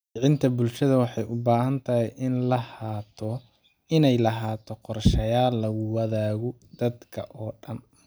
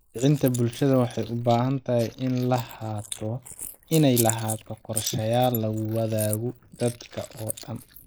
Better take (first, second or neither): first